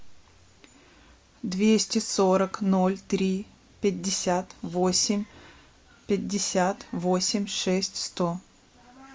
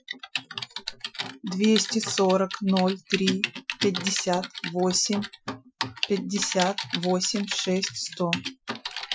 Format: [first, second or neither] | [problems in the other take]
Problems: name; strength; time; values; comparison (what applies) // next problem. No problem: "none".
first | noise reduction (classical method Wiener filter)